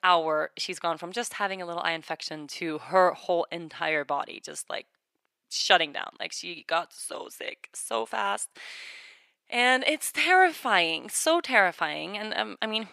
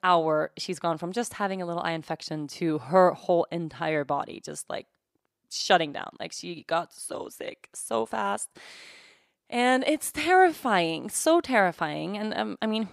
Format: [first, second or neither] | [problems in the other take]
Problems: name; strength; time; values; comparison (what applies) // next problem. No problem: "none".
second | thin; somewhat; fading below 1 kHz